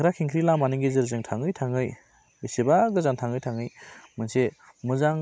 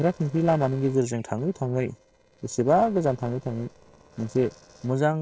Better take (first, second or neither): first